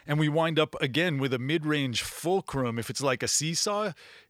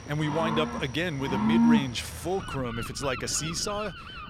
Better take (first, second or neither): first